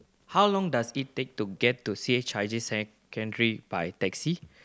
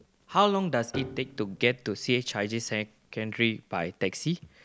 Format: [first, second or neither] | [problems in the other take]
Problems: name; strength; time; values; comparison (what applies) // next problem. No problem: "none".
first | background sound (Piano); 16 dB below the speech